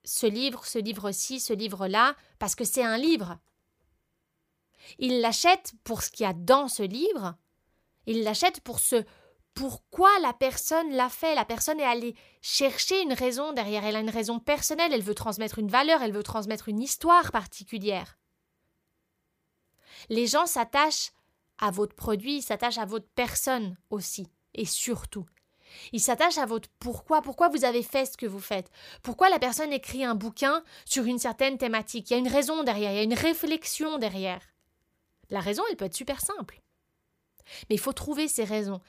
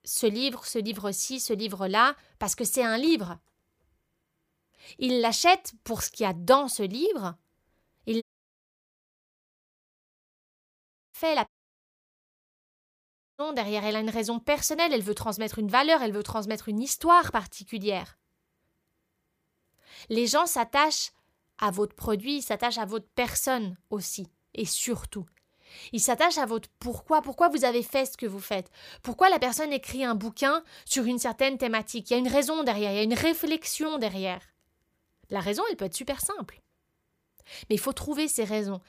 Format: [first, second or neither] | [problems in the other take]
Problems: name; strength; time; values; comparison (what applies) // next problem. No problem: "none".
first | audio cutting out; at 8 s for 3 s and at 11 s for 2 s